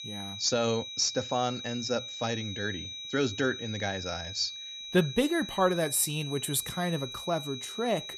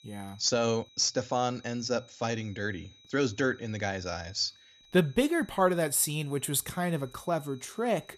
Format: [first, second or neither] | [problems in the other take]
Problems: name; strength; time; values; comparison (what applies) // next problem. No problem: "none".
second | high-pitched whine; loud; throughout; 4 kHz, 8 dB below the speech; faint in the second